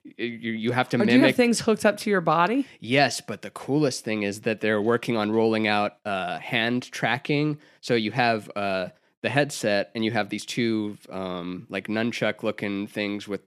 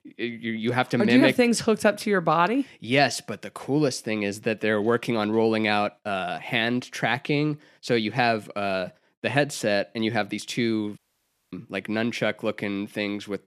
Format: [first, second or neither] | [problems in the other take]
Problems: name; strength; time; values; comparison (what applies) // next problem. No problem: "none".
first | audio cutting out; at 11 s for 0.5 s